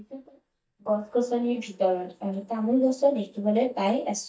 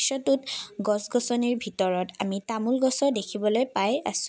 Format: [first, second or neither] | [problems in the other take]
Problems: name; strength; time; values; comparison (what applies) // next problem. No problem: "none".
second | noise reduction (neural mask model DeepFilterNet 3)